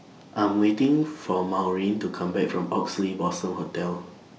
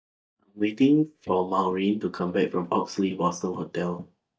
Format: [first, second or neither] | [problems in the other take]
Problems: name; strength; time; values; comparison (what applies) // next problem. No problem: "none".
first | noise reduction (neural mask model DeepFilterNet 3)